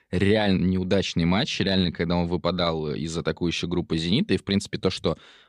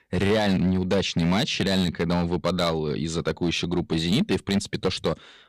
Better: first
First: none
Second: distortion; slight; 7% of the sound clipped

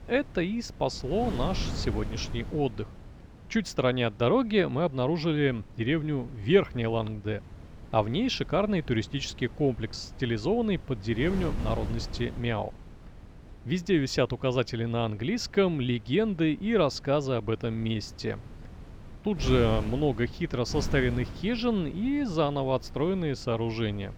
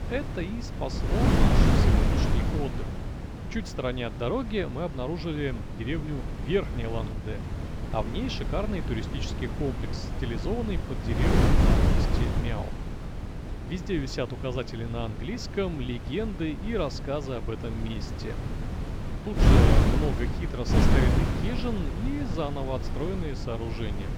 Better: first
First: wind noise on the microphone; occasional gusts; 20 dB below the speech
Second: wind noise on the microphone; heavy; 1 dB below the speech

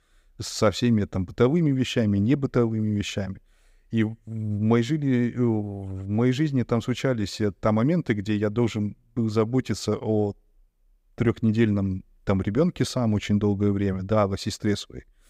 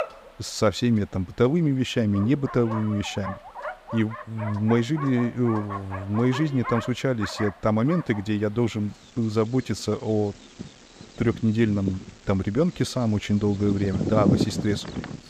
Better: first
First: none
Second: animal sounds; loud; throughout; 8 dB below the speech

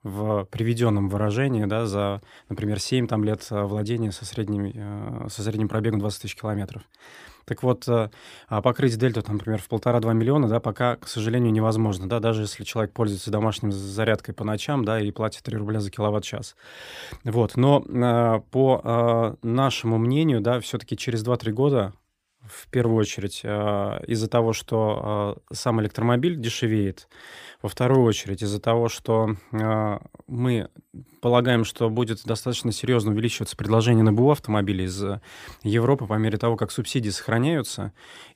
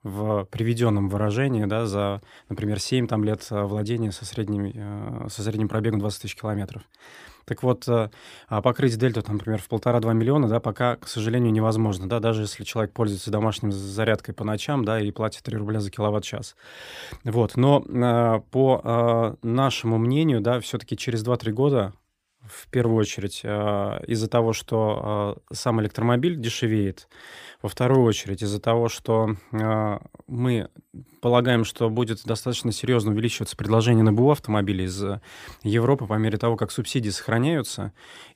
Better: neither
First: none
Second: none

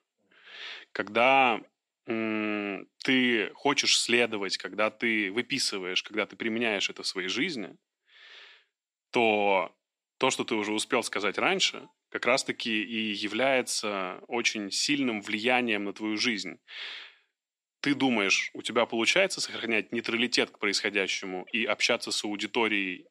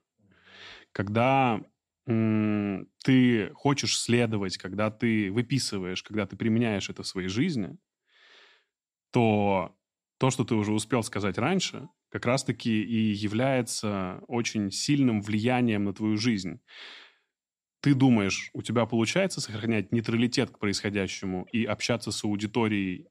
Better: second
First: thin; somewhat; fading below 400 Hz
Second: none

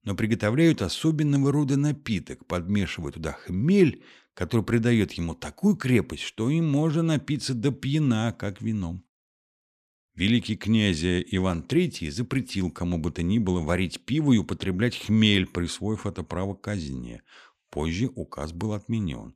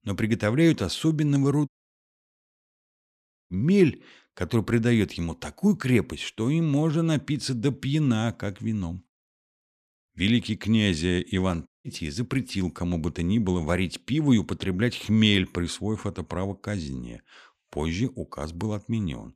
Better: first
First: none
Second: audio cutting out; at 1.5 s for 2 s and at 12 s

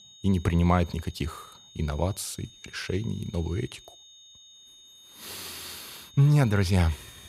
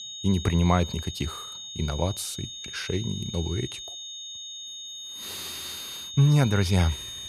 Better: first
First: high-pitched whine; faint; throughout; 3.5 kHz, 20 dB below the speech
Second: high-pitched whine; loud; throughout; 3.5 kHz, 9 dB below the speech

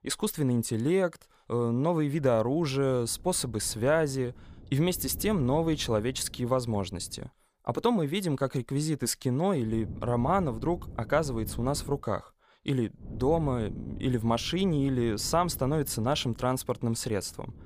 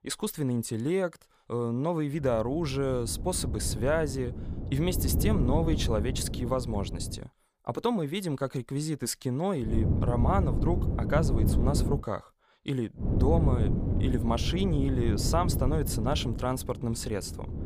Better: first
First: wind noise on the microphone; occasional gusts; from 2 to 7 s, from 9.5 to 12 s and from 13 s on; 25 dB below the speech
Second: wind noise on the microphone; heavy; from 2 to 7 s, from 9.5 to 12 s and from 13 s on; 8 dB below the speech

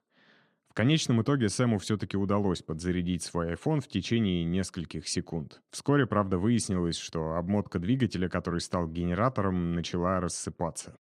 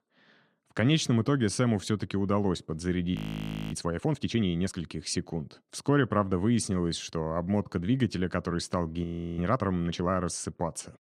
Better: first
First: none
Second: audio freezing; at 3 s for 0.5 s and at 9 s

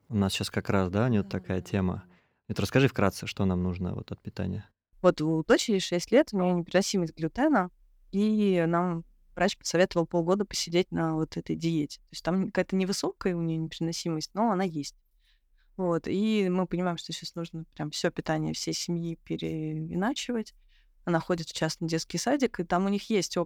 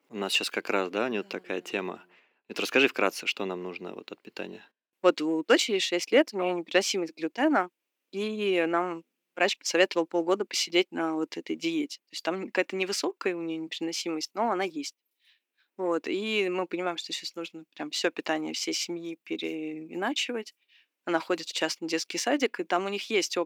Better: first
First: none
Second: thin; somewhat; fading below 300 Hz

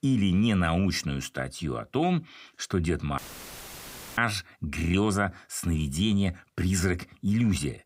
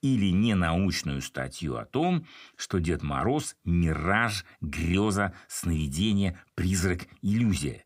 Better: second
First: audio cutting out; filled with static; at 3 s for 1 s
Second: none

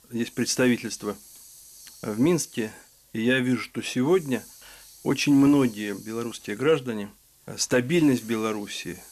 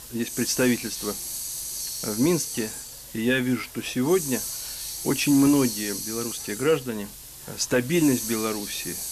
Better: first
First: hiss; faint; throughout; 20 dB below the speech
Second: hiss; loud; throughout; 6 dB below the speech

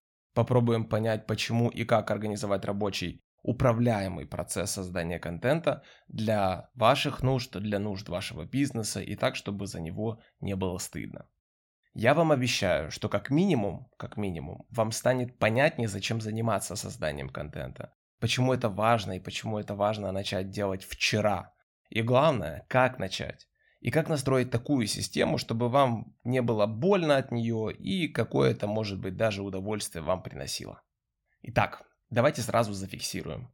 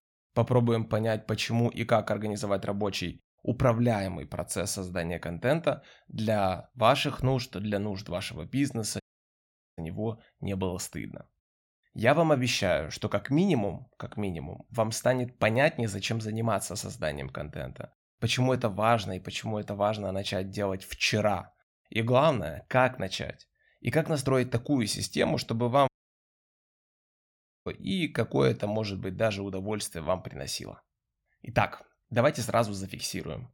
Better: first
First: none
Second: audio cutting out; at 9 s for 1 s and at 26 s for 2 s

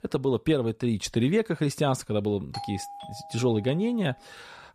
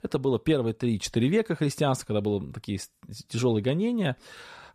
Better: second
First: doorbell; faint; from 2.5 to 4 s; peak 10 dB below the speech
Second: none

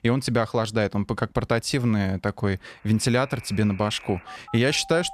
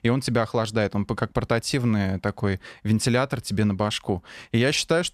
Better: second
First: alarms or sirens; noticeable; from 3 s on; 20 dB below the speech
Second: none

